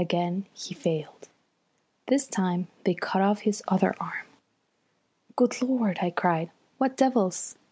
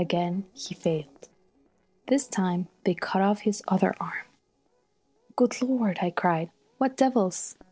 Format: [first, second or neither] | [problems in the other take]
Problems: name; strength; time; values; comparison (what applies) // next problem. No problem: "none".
first | noise reduction (neural separator model SepFormer DNS4)